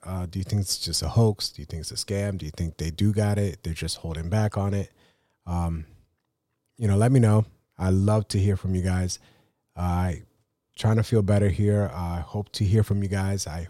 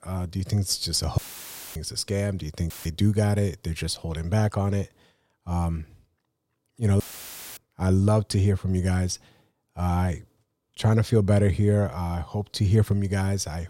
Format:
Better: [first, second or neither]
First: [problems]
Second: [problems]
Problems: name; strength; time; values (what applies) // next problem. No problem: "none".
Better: first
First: none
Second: audio cutting out; filled with static; at 1 s for 0.5 s, at 2.5 s and at 7 s for 0.5 s